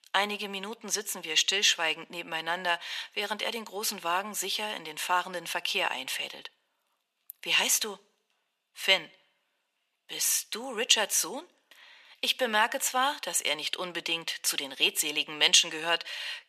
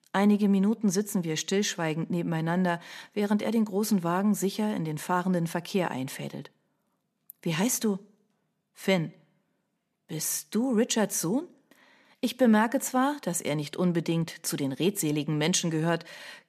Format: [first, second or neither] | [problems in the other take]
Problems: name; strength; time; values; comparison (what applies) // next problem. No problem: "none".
second | thin; very; fading below 750 Hz